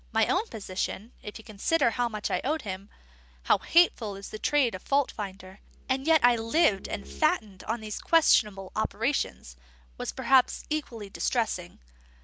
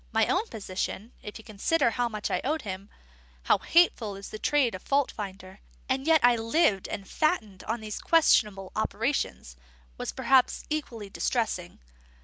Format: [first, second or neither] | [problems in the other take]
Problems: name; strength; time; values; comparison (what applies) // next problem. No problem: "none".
second | background sound (Bowed string instrument); 19 dB below the speech